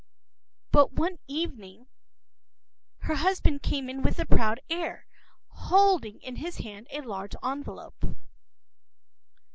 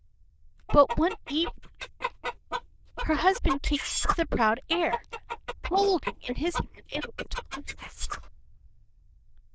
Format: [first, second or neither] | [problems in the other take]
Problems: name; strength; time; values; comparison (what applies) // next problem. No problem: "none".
first | noise reduction (neural diffusion model UNIVERSE++)